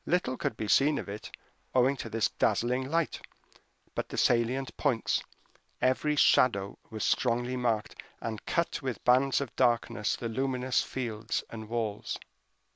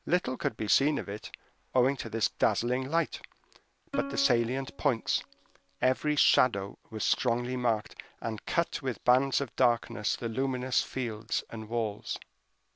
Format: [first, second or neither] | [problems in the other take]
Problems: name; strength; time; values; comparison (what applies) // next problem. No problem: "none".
first | background sound (Plucked string instrument); 13 dB below the speech